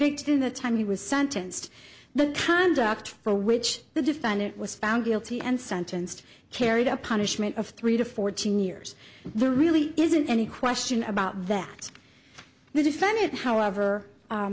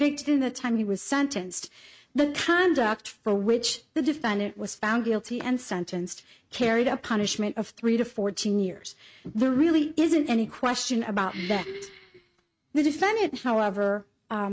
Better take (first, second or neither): first